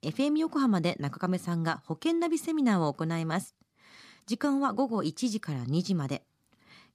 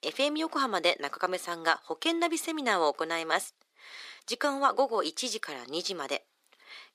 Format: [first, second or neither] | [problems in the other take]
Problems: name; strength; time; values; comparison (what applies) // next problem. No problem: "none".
first | thin; very; fading below 450 Hz